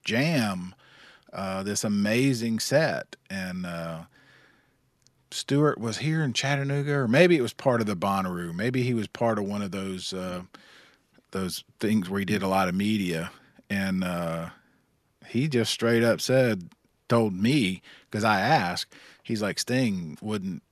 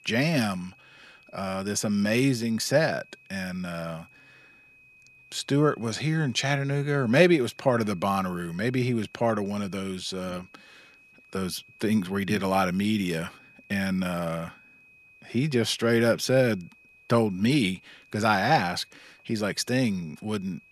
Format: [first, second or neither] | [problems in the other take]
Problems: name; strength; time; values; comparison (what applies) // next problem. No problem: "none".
first | high-pitched whine; faint; throughout; 2.5 kHz, 25 dB below the speech